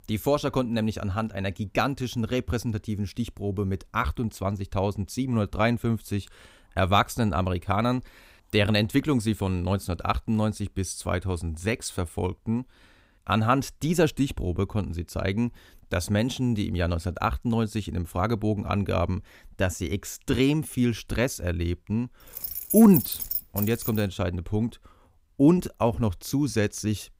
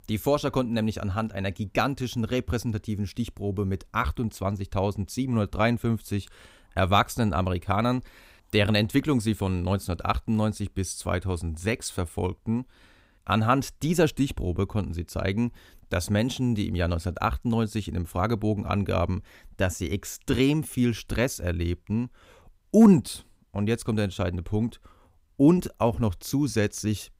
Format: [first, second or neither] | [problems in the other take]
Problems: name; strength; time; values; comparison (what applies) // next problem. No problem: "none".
second | jangling keys; noticeable; from 22 to 24 s; peak level with the speech